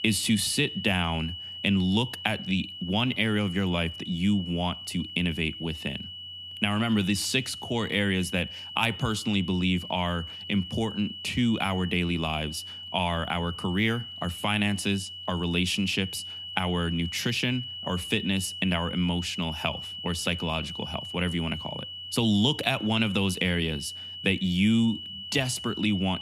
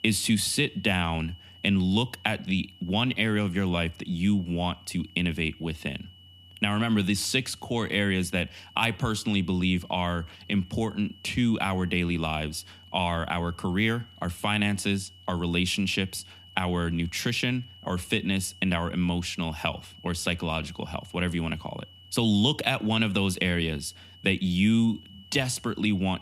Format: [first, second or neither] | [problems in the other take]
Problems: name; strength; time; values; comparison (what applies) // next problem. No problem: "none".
second | high-pitched whine; loud; throughout; 3 kHz, 9 dB below the speech; faint in the second